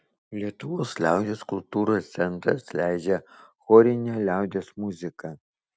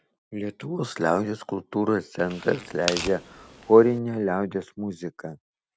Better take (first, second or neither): first